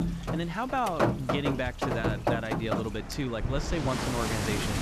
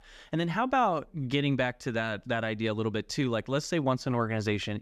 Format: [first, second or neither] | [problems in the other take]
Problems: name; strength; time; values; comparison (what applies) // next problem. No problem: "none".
second | rain or running water; very loud; throughout; 1 dB above the speech